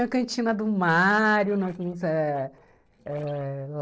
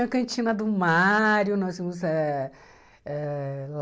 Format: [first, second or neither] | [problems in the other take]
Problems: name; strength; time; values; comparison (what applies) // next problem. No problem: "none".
second | noise reduction (neural separator model SepFormer DNS4)